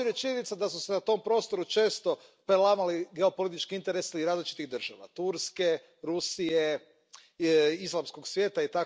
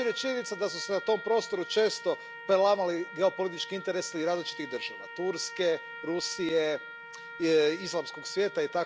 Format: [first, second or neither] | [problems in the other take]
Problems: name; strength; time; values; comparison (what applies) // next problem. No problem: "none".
first | background sound (Trumpet); 13 dB below the speech